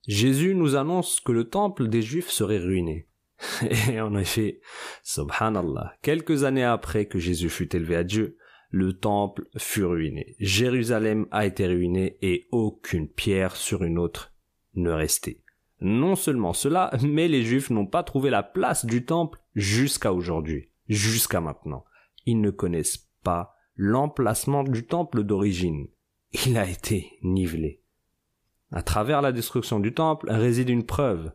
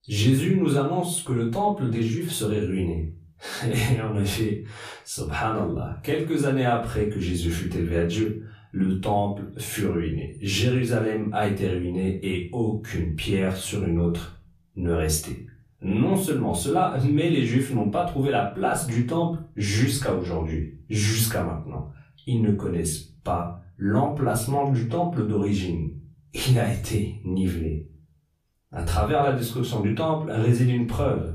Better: first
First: none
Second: off-mic speech; far // room echo; slight; dies away in 0.4 s

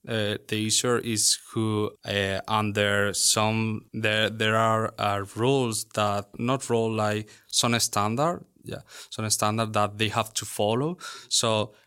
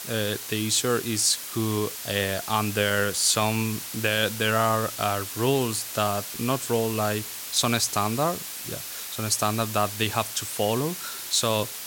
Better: first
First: none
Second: hiss; loud; throughout; 8 dB below the speech

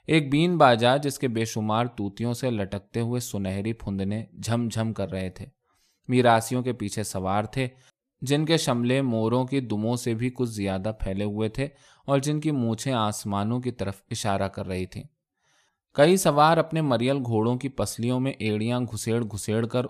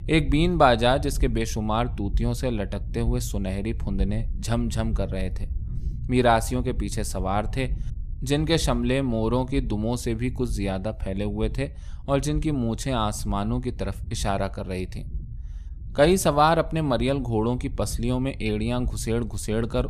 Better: first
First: none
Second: low rumble; faint; throughout; 25 dB below the speech

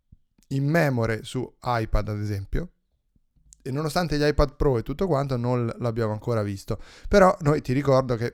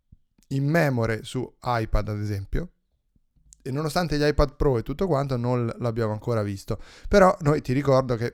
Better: neither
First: none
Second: none

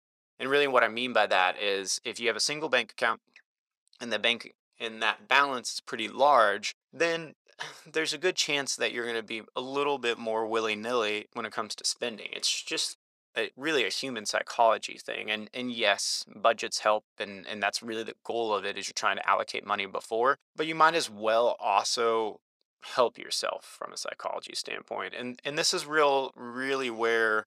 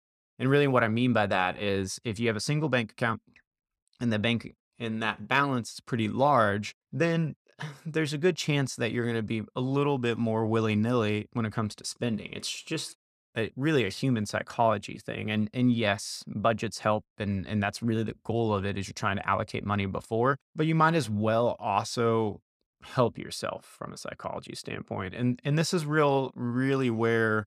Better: second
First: thin; very; fading below 550 Hz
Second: none

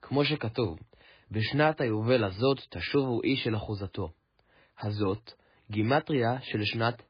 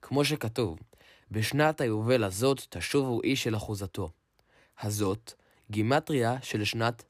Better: second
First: garbled, watery; badly; nothing above 4.5 kHz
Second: none

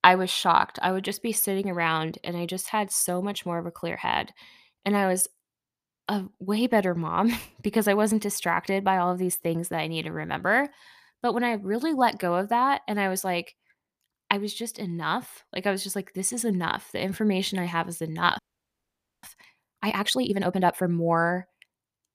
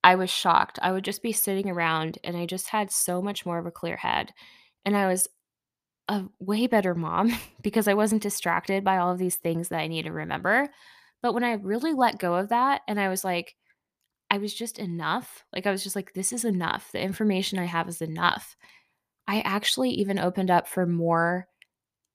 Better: second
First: audio freezing; at 18 s for 1 s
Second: none

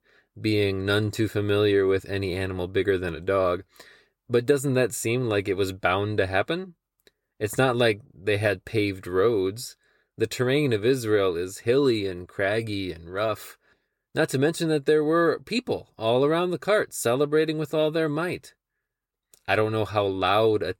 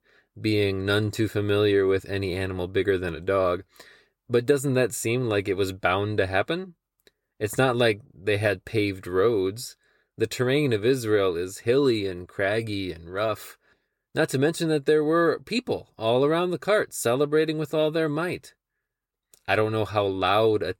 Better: neither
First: none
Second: none

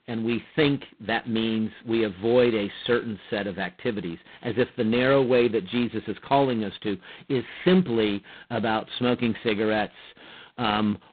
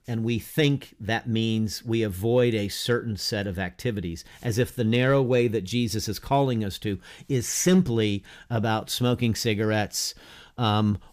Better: second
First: phone-call audio; poor line; nothing above 4 kHz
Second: none

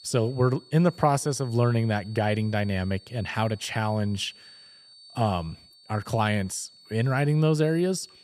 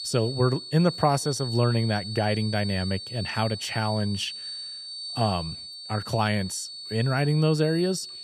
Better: first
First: high-pitched whine; faint; throughout; 4.5 kHz, 25 dB below the speech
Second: high-pitched whine; loud; throughout; 4.5 kHz, 9 dB below the speech

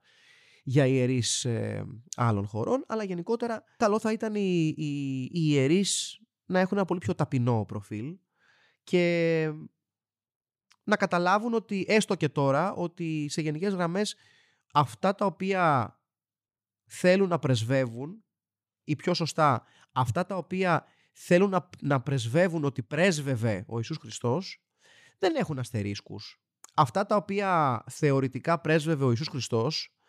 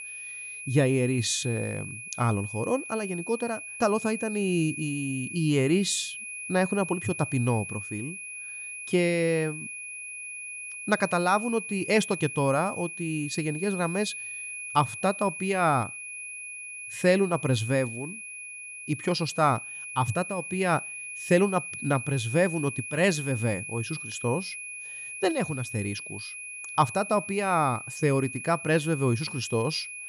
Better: first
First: none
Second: high-pitched whine; loud; throughout; 2.5 kHz, 9 dB below the speech

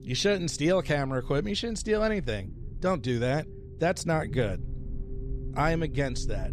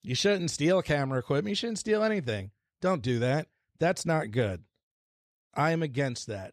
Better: second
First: low rumble; faint; throughout; 20 dB below the speech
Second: none

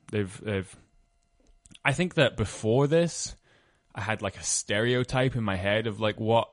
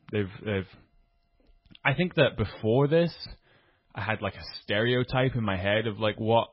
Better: first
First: garbled, watery; slightly; nothing above 10.5 kHz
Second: garbled, watery; badly; nothing above 5.5 kHz

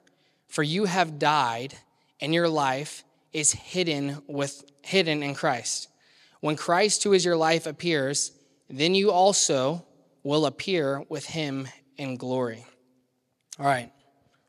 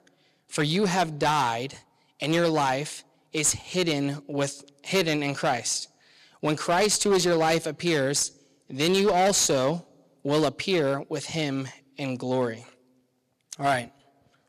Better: first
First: none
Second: distortion; slight; 6% of the sound clipped

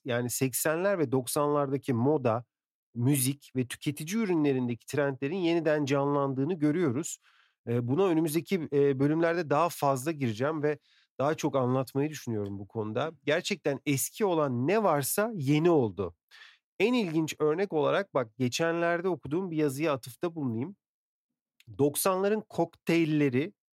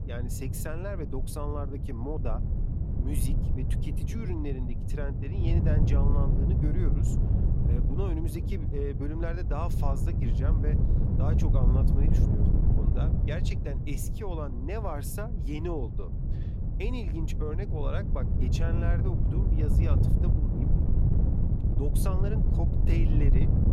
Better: first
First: none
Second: wind noise on the microphone; heavy; 1 dB below the speech

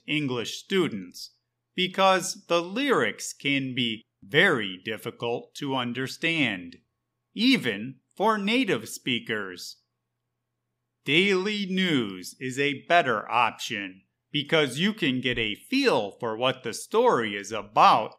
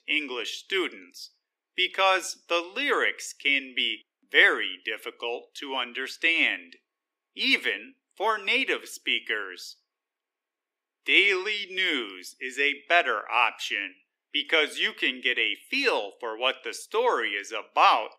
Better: first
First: none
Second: thin; somewhat; fading below 300 Hz

